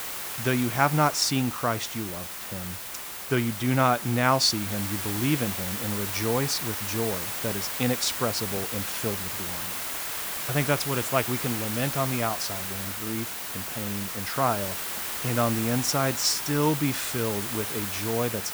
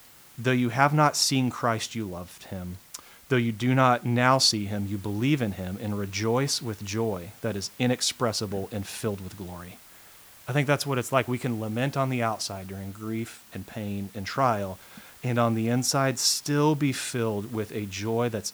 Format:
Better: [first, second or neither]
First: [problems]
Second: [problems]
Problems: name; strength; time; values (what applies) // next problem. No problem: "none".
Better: second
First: hiss; loud; throughout; 3 dB below the speech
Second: hiss; faint; throughout; 25 dB below the speech